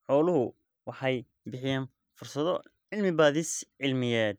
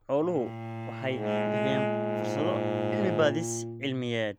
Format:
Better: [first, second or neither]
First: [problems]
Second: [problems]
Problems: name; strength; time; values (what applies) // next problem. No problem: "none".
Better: first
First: none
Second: background sound (Bowed string instrument + Wind instrument, woodwind instrument); as loud as the speech